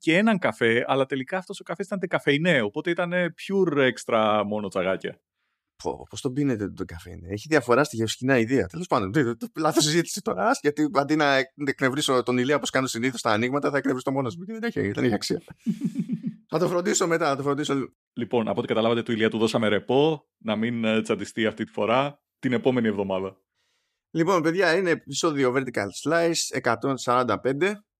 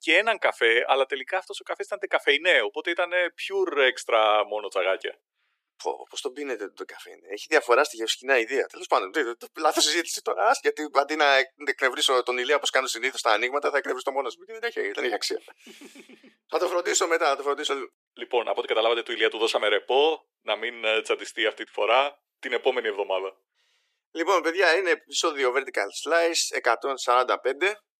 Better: first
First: none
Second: thin; very; fading below 350 Hz

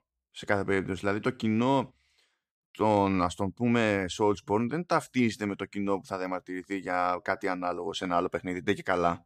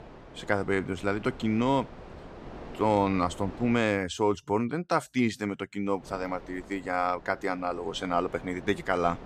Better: first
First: none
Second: wind noise on the microphone; occasional gusts; until 4 s and from 6 s on; 20 dB below the speech

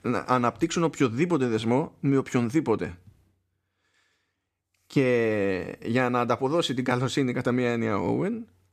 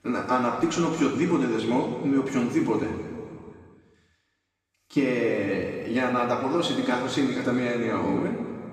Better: first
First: none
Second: room echo; noticeable; dies away in 2 s // off-mic speech; far

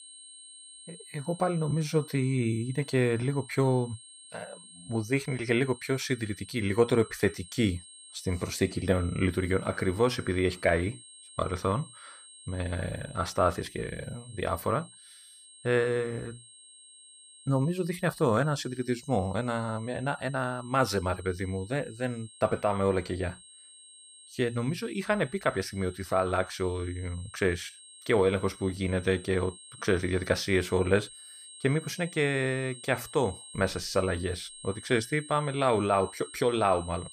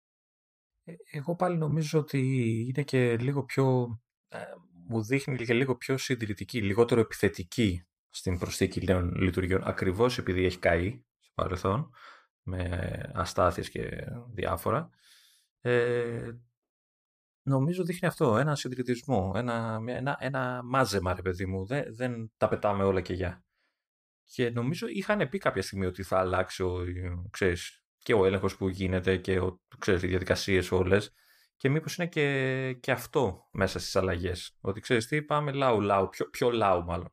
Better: second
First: high-pitched whine; noticeable; throughout; 8.5 kHz, 20 dB below the speech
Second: none

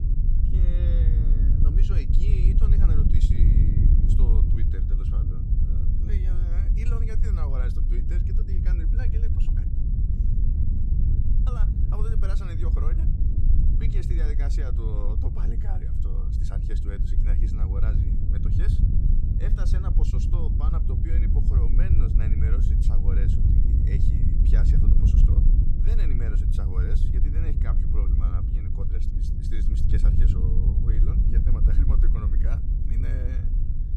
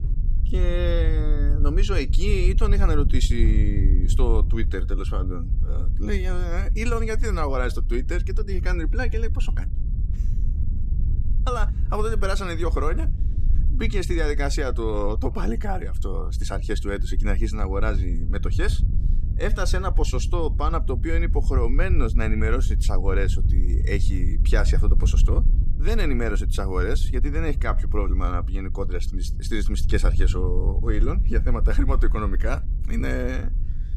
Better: second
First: wind noise on the microphone; heavy; 3 dB above the speech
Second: wind noise on the microphone; occasional gusts; 15 dB below the speech

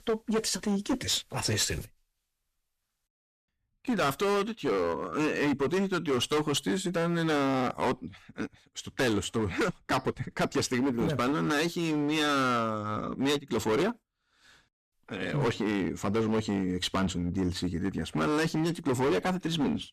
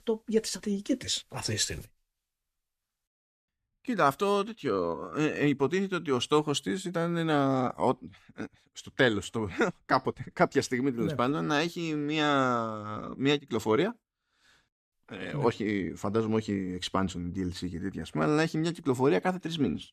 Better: second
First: distortion; heavy; 14% of the sound clipped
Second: none

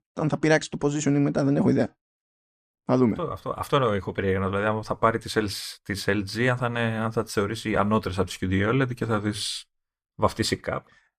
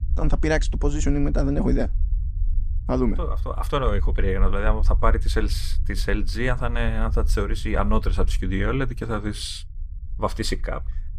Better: first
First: none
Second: low rumble; faint; throughout; 20 dB below the speech

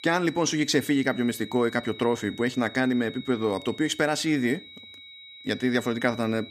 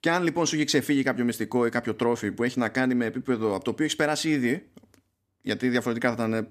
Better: second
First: high-pitched whine; noticeable; throughout; 4 kHz, 15 dB below the speech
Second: none

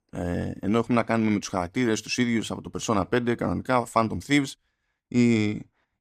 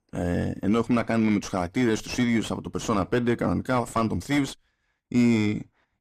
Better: first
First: none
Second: distortion; slight; 9 dB below the speech

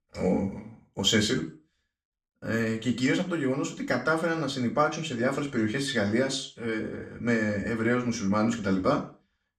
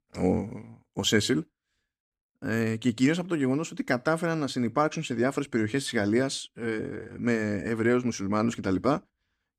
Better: second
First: room echo; very slight; dies away in 0.4 s // off-mic speech; somewhat distant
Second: none

